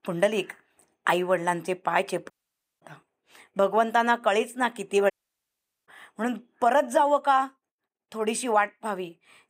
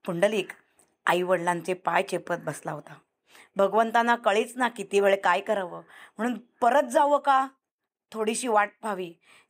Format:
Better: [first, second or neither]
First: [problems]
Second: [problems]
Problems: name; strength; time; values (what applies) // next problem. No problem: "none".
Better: second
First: audio cutting out; at 2.5 s for 0.5 s and at 5 s for 1 s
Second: none